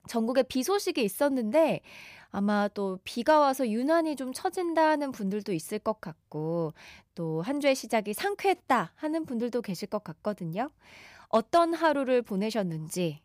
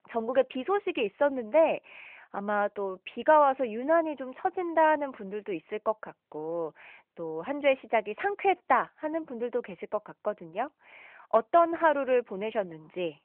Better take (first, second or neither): first